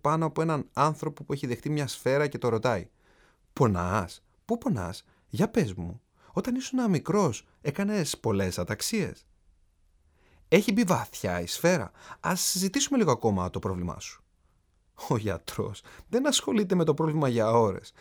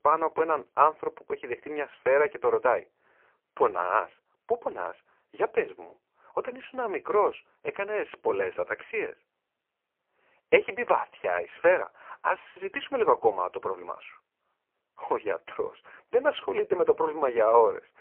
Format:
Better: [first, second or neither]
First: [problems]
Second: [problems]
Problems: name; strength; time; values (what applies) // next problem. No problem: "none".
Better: first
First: none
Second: phone-call audio; poor line; nothing above 3 kHz